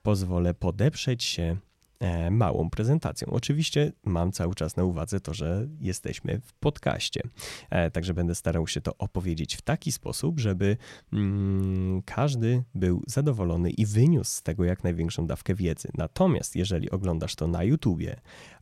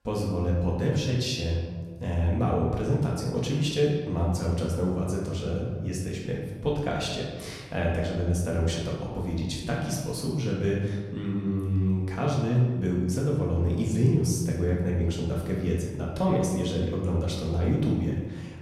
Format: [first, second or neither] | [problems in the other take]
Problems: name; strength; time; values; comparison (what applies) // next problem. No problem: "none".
first | room echo; noticeable; dies away in 1.3 s // off-mic speech; far